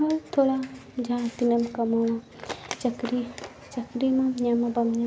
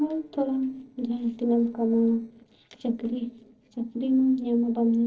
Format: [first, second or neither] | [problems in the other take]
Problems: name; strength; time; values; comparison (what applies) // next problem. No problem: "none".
first | noise reduction (neural separator model SepFormer DNS4)